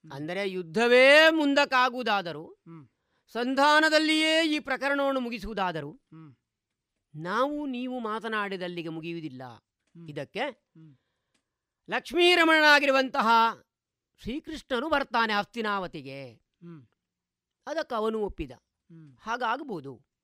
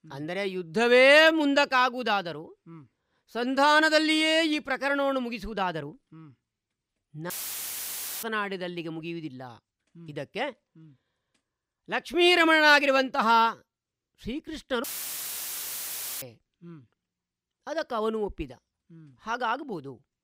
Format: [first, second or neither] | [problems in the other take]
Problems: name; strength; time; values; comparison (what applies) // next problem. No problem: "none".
first | audio cutting out; filled with static; at 7.5 s for 1 s and at 15 s for 1.5 s